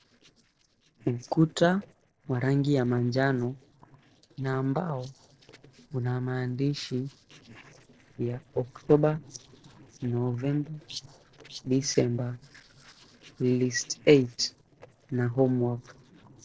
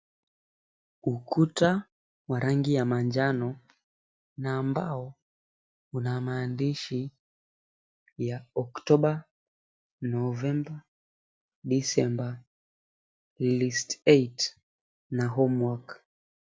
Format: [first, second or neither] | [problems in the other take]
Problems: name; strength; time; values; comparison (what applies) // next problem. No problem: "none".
second | noise reduction (neural separator model SepFormer DNS4)